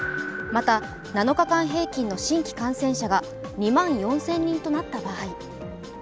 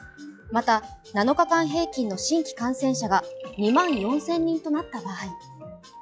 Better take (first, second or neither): first